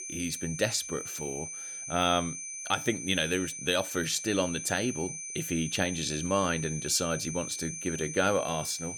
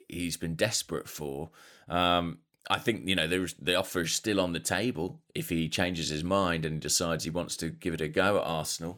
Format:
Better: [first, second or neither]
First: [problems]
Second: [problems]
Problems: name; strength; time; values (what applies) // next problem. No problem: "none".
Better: second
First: high-pitched whine; loud; throughout; 6 kHz, 6 dB below the speech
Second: none